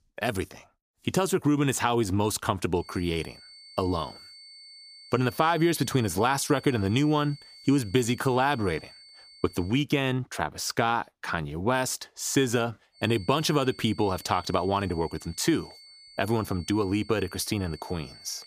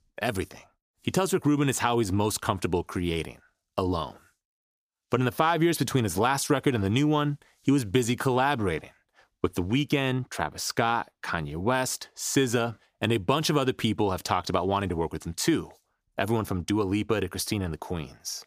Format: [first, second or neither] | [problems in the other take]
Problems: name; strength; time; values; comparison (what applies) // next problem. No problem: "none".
second | high-pitched whine; faint; from 3 to 9.5 s and from 13 s on; 4.5 kHz, 20 dB below the speech